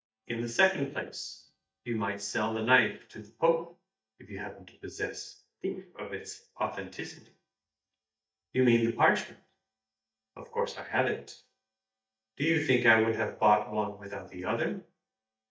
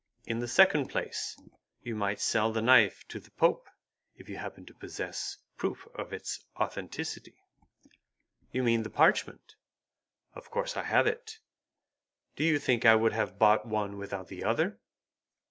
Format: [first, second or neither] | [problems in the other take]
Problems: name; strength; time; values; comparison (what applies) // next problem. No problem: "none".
second | noise reduction (neural mask model DeepFilterNet 3)